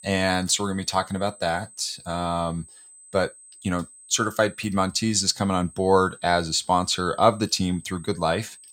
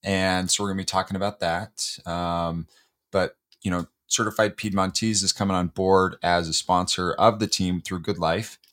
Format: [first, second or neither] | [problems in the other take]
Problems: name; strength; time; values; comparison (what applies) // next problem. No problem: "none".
second | high-pitched whine; faint; throughout; 8 kHz, 20 dB below the speech